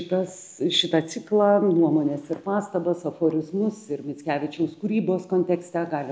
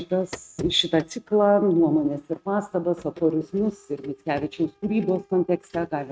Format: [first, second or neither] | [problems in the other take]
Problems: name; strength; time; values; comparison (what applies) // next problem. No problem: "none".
first | noise reduction (neural mask model RNNoise)